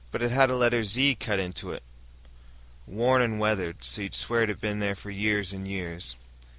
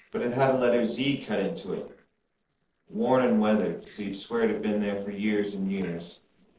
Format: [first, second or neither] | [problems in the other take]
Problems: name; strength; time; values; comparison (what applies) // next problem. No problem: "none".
first | noise reduction (neural separator model SepFormer DNS4)